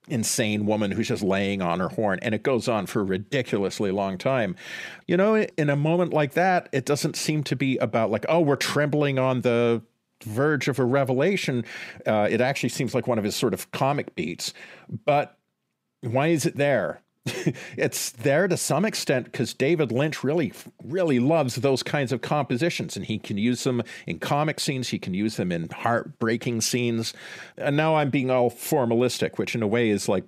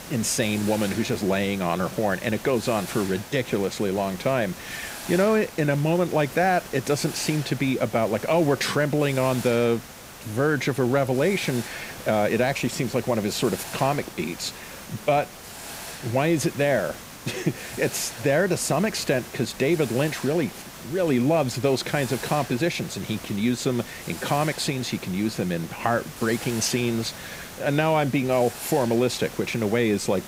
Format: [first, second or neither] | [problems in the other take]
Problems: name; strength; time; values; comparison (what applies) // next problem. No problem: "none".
first | hiss; noticeable; throughout; 15 dB below the speech